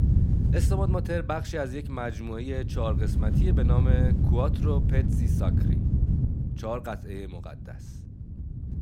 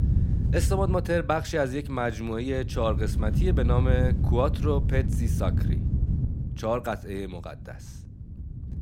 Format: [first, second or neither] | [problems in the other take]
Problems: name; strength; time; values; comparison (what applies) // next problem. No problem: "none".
second | wind noise on the microphone; heavy; 4 dB below the speech; occasional gusts in the second